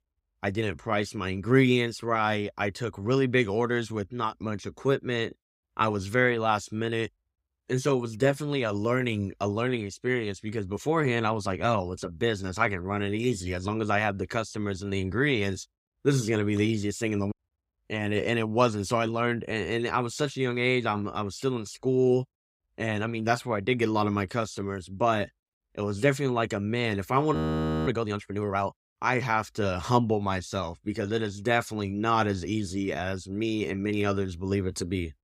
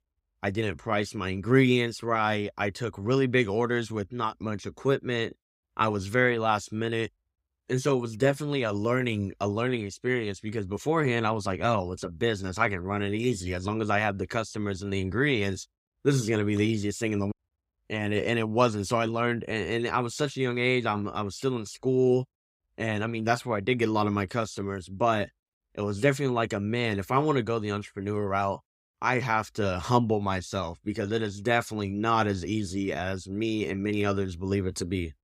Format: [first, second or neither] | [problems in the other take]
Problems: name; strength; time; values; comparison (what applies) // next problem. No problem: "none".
second | audio freezing; at 27 s for 0.5 s